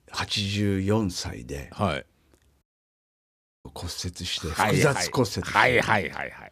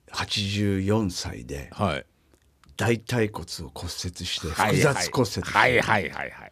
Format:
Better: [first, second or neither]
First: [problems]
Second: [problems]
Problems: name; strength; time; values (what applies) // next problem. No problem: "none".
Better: second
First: audio cutting out; at 2.5 s for 1 s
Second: none